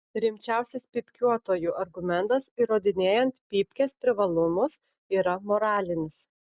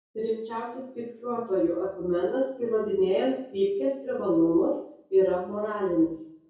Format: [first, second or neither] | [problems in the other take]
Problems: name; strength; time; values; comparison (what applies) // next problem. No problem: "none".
first | room echo; dies away in 0.6 s